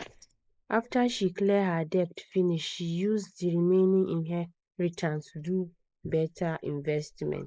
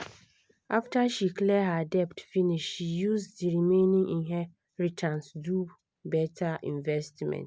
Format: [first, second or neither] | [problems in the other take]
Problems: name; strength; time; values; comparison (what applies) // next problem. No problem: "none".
second | noise reduction (neural mask model Resemble Enhance denoiser)